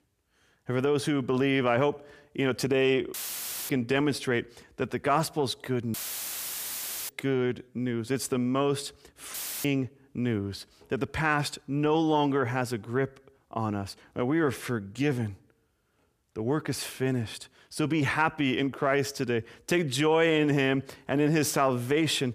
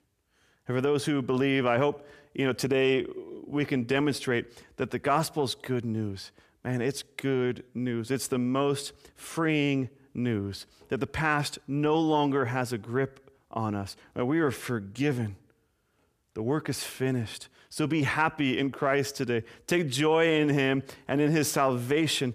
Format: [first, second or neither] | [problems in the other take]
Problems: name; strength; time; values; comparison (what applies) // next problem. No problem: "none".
second | audio cutting out; filled with static; at 3 s for 0.5 s, at 6 s for 1 s and at 9.5 s